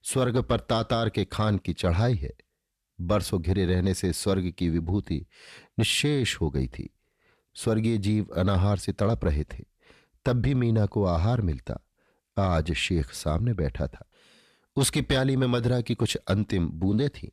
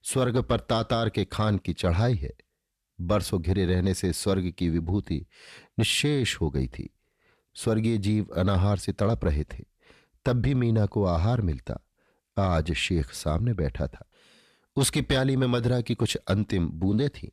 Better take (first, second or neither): neither